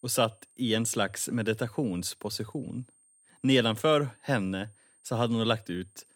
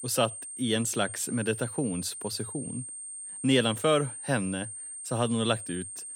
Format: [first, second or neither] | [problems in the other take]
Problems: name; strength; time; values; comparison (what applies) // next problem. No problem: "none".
first | high-pitched whine; loud; throughout; 8.5 kHz, 8 dB below the speech; faint in the first